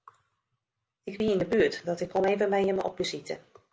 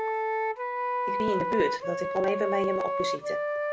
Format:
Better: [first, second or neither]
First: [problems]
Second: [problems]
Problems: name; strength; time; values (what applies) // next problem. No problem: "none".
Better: first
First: none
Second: background sound (Wind instrument, woodwind instrument); 2 dB above the speech